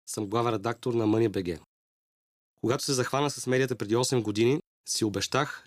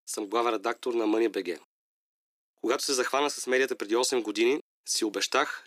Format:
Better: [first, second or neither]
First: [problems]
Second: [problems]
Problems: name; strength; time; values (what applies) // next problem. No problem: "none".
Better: first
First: none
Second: thin; somewhat; fading below 300 Hz